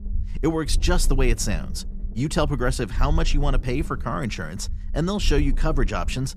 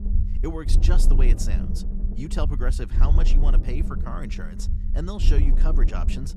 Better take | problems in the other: first | low rumble; loud; throughout; 6 dB below the speech; faint in the first

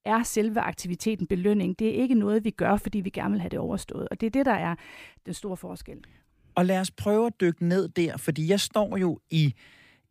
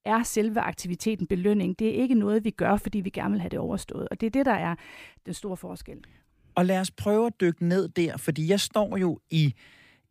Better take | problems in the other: neither | none

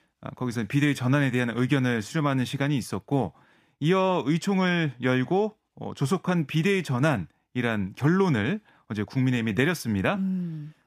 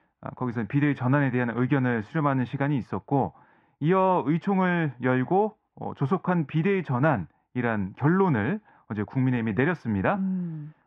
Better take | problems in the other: first | muffled; very; fading above 1.5 kHz

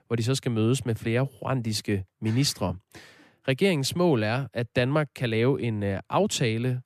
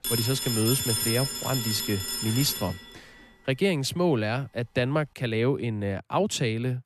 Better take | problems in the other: first | phone ringing; loud; until 3 s; peak 3 dB above the speech

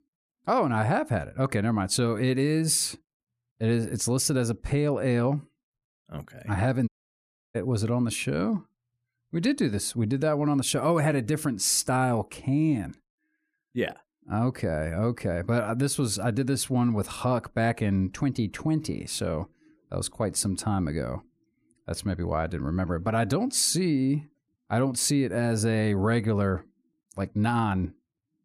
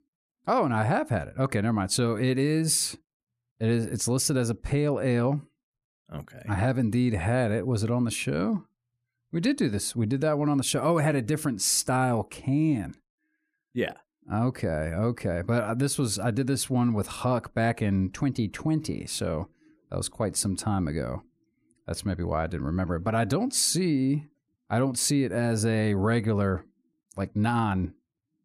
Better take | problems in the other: second | audio cutting out; at 7 s for 0.5 s

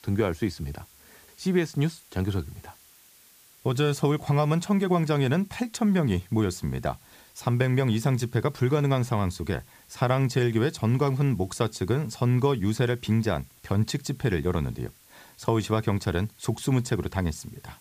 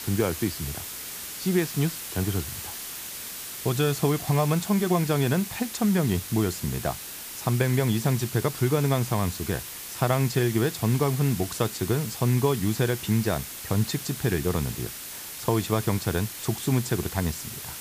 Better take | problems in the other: first | hiss; loud; throughout; 8 dB below the speech; faint in the first

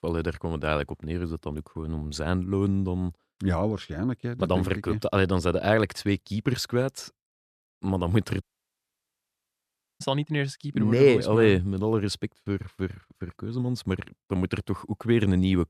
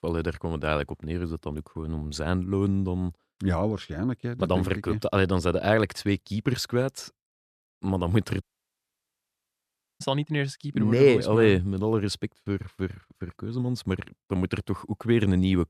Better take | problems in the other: neither | audio cutting out; at 8.5 s for 1.5 s; the same in both

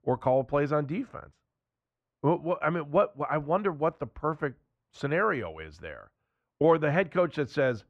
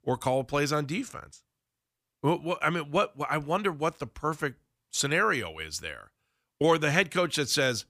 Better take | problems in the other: second | muffled; very; fading above 4 kHz

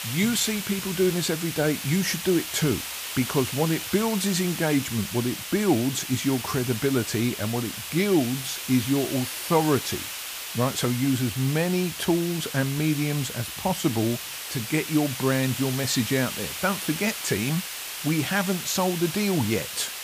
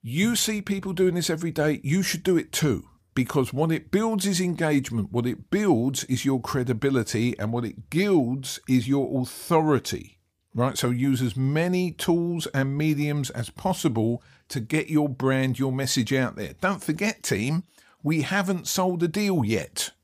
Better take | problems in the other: second | hiss; loud; throughout; 6 dB below the speech

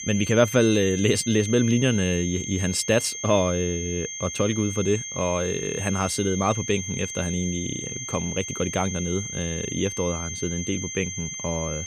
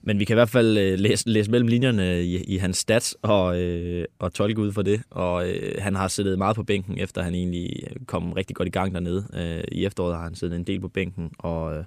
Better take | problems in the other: second | high-pitched whine; loud; throughout; 6.5 kHz, 6 dB below the speech

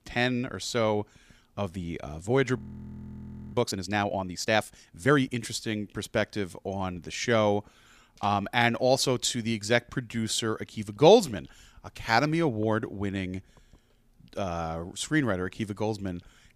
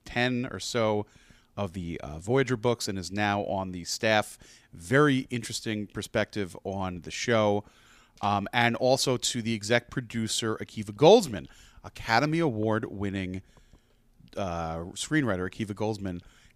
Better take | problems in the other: second | audio freezing; at 2.5 s for 1 s

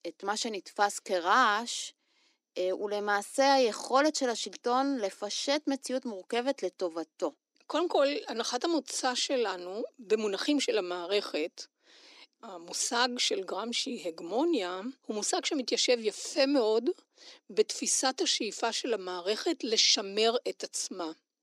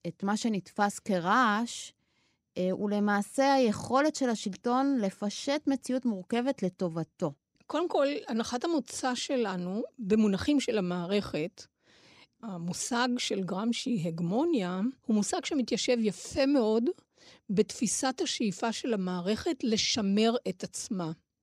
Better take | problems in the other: second | thin; somewhat; fading below 300 Hz

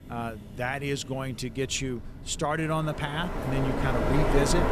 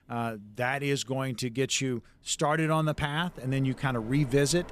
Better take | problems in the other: second | wind in the background; loud; throughout; as loud as the speech; faint in the second

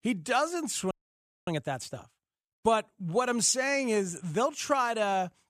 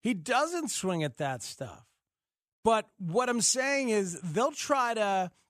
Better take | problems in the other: second | audio freezing; at 1 s for 0.5 s

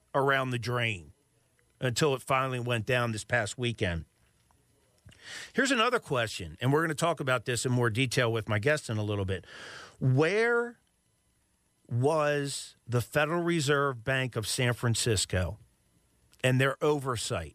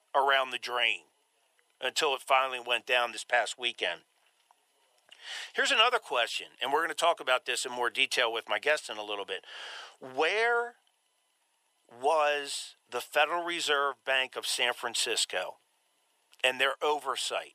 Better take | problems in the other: first | thin; very; fading below 450 Hz

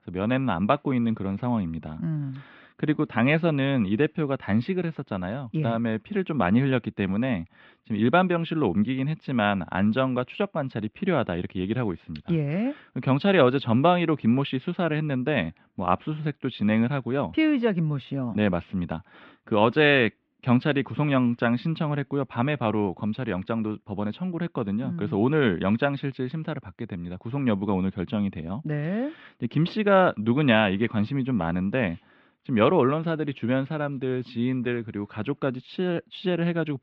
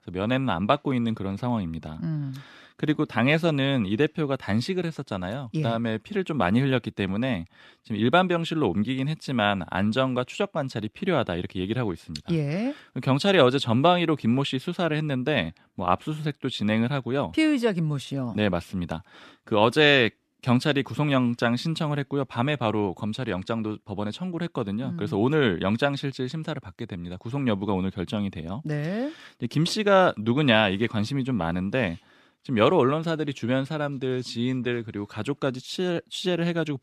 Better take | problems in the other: second | muffled; slightly; fading above 3 kHz

